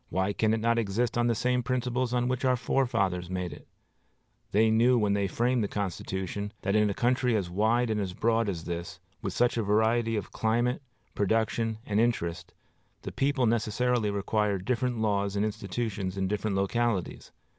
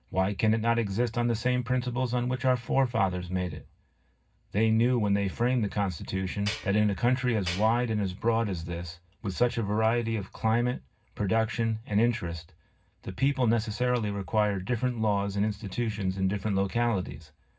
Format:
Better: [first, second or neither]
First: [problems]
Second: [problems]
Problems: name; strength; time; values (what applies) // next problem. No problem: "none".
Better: first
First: none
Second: background sound (Tools); 9 dB below the speech // room echo; dies away in 0.4 s